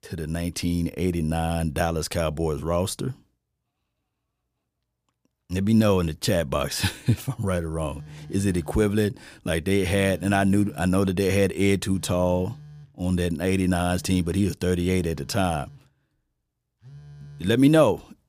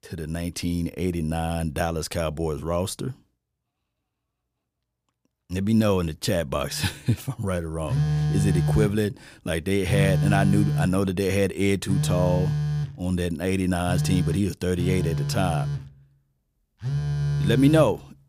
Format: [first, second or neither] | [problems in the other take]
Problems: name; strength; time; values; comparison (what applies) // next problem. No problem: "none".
first | alarms or sirens; loud; from 7 s on; 1 dB below the speech; faint in the first